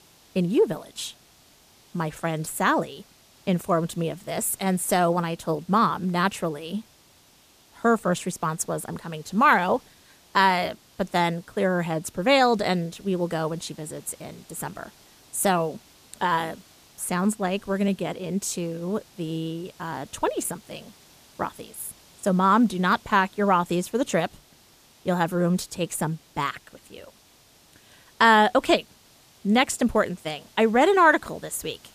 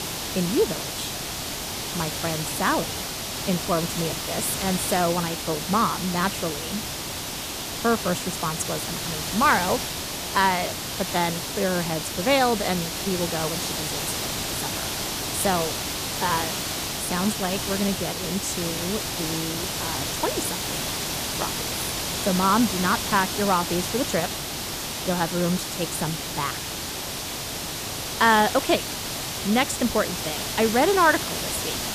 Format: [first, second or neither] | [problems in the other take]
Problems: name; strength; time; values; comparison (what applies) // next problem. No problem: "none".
first | hiss; loud; throughout; 2 dB below the speech; faint in the first